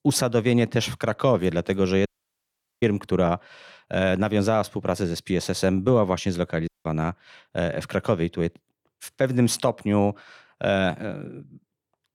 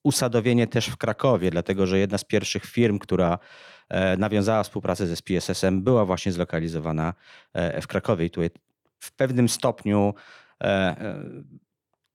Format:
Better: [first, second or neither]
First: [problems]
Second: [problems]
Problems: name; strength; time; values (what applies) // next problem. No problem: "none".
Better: second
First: audio cutting out; at 2 s for 1 s and at 6.5 s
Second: none